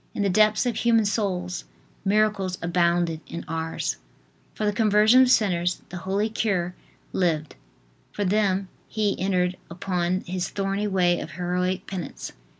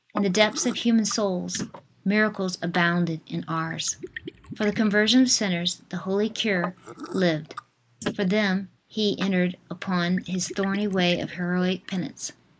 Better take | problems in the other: first | noise reduction (neural mask model Resemble Enhance denoiser)

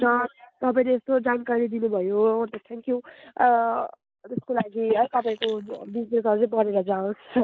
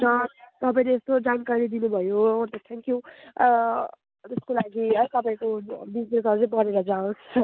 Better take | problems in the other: second | noise reduction (neural mask model Resemble Enhance denoiser)

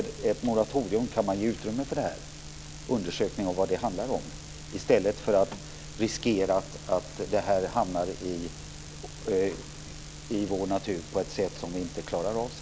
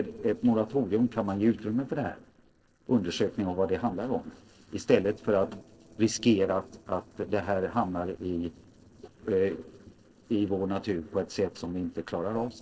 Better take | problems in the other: first | noise reduction (neural separator model SepFormer DNS4)

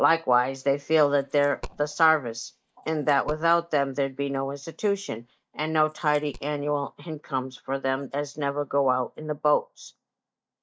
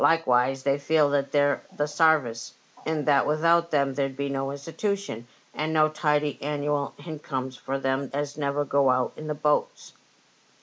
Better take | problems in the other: second | noise reduction (neural mask model DeepFilterNet 3)

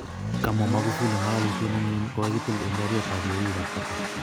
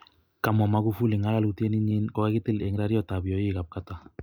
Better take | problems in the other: second | background sound (Accelerating, revving, vroom); 3 dB below the speech

